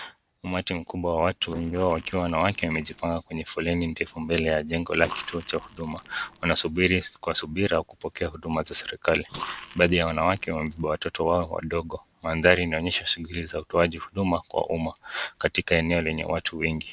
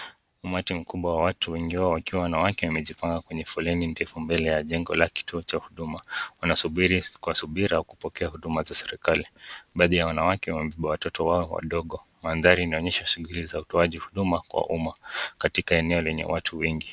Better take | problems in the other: second | noise reduction (neural separator model SepFormer DNS4)

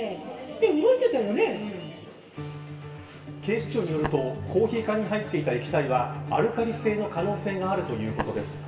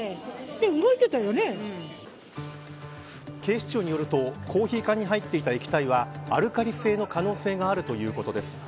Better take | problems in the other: second | background sound (Tap); 9 dB below the speech // room echo; dies away in 1 s

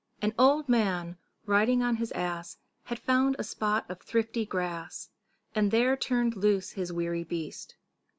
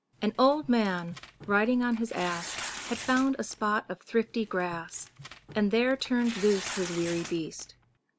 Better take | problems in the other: first | background sound (Tearing); 14 dB below the speech

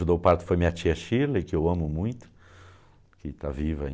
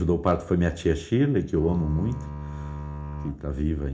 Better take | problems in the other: first | background sound (Bowed string instrument); 10 dB below the speech // room echo; dies away in 0.4 s

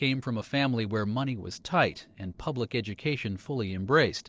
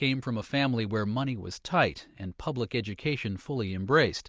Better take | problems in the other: second | noise reduction (neural separator model SepFormer DNS4)

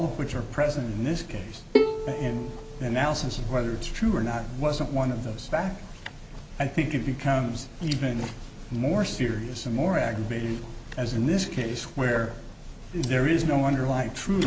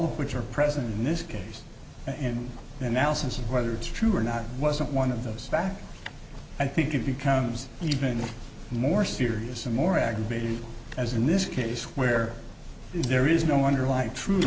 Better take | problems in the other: second | background sound (Bowed string instrument); 2 dB below the speech

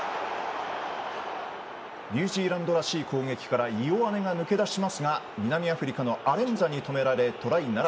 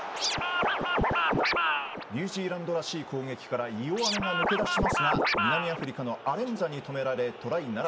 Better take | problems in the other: first | background sound (Scratching (performance technique)); 5 dB above the speech

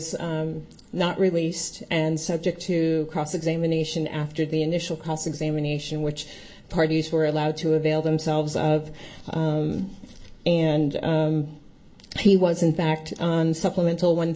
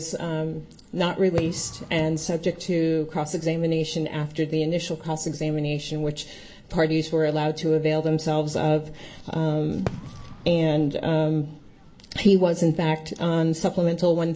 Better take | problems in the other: first | background sound (Fireworks); 16 dB below the speech

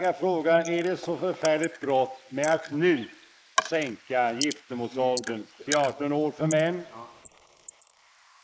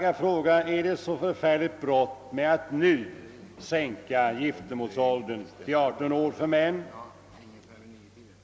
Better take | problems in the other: second | noise reduction (neural mask model Resemble Enhance denoiser)

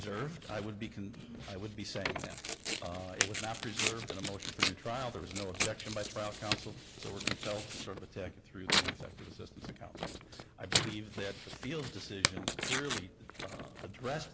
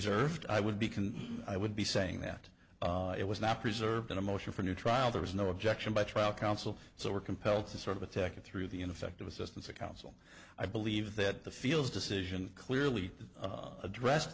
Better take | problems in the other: second | background sound (Tearing); 3 dB above the speech

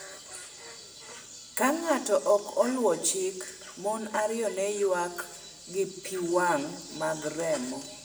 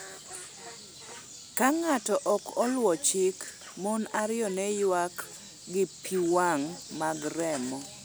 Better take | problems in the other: second | room echo; dies away in 0.6 s

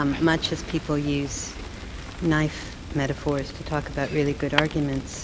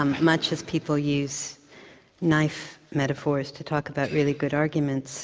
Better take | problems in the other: second | background sound (Fire); 8 dB below the speech

